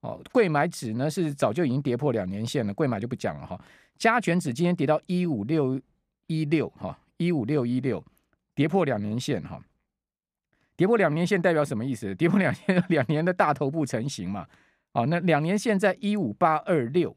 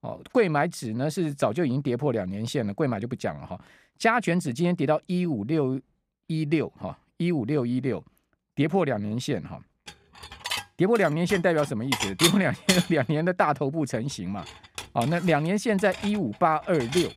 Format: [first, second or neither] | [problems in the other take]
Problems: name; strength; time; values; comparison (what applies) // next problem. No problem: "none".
first | clattering dishes; loud; from 10 s on; peak 3 dB above the speech